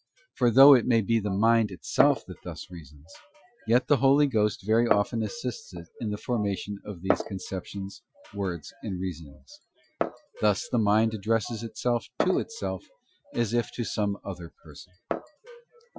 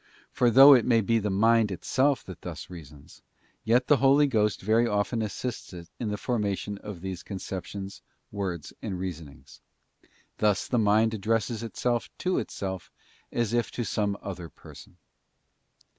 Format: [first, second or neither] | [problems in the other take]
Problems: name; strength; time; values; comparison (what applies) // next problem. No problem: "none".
second | noise reduction (classical method Wiener filter)